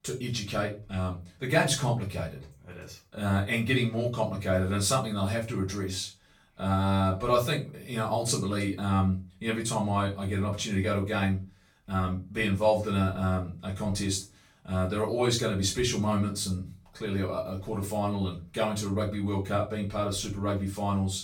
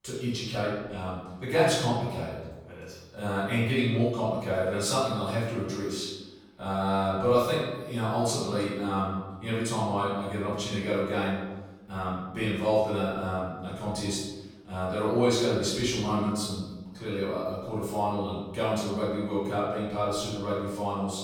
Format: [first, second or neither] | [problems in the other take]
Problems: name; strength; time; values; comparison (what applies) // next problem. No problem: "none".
first | room echo; strong; dies away in 1.1 s; slight in the first // off-mic speech; far; far in the first